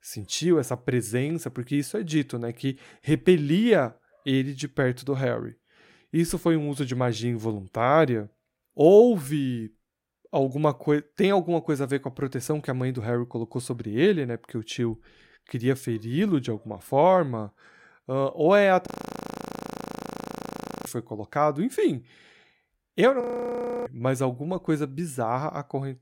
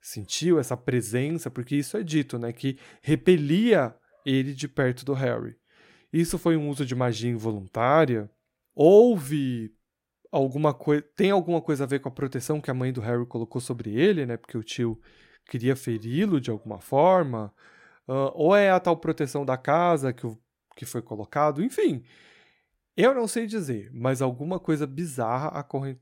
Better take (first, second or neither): second